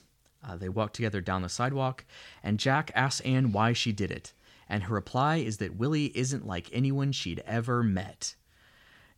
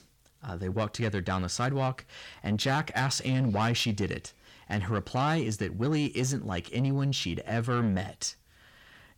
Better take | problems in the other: first | distortion; slight; 10 dB below the speech

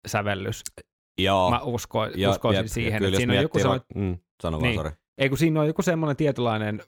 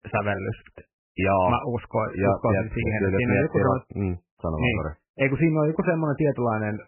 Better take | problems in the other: first | garbled, watery; badly; nothing above 3 kHz

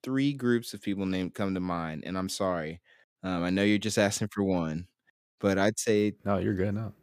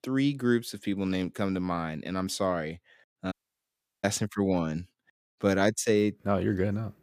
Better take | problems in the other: first | audio cutting out; at 3.5 s for 0.5 s

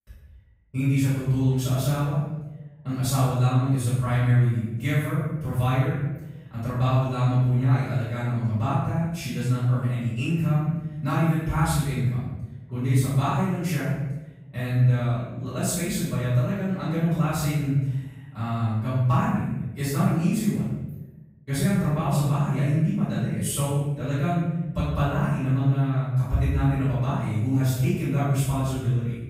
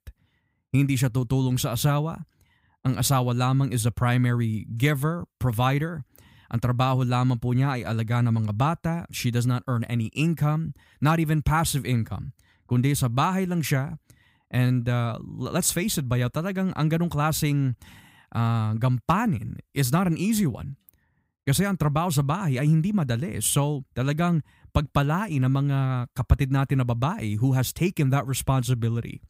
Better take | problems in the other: second | off-mic speech; far // room echo; strong; dies away in 1 s

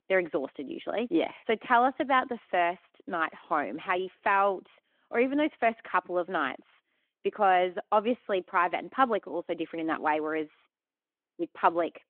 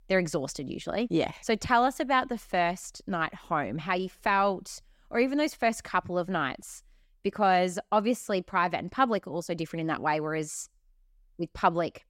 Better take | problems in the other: second | phone-call audio

